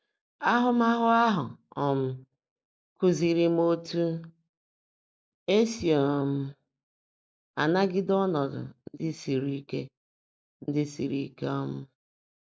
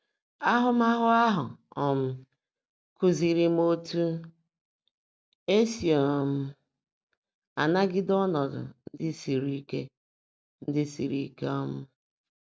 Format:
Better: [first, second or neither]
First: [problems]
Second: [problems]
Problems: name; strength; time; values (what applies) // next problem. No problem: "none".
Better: second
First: noise reduction (neural mask model Resemble Enhance denoiser)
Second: none